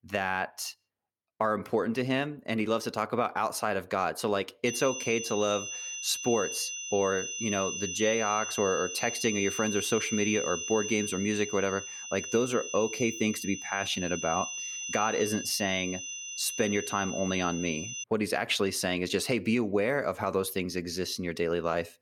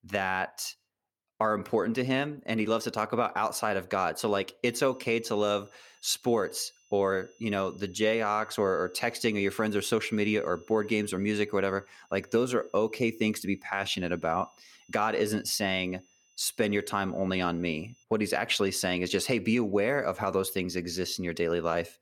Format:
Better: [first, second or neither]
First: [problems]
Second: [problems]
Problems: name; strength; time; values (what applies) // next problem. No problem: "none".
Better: second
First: high-pitched whine; loud; from 4.5 to 18 s; 6 kHz, 5 dB below the speech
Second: high-pitched whine; faint; from 4.5 to 18 s; 6 kHz, 35 dB below the speech